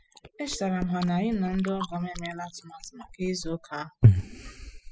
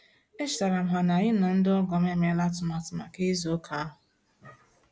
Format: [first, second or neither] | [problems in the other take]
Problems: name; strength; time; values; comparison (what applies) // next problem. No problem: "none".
second | noise reduction (classical method spectral subtraction)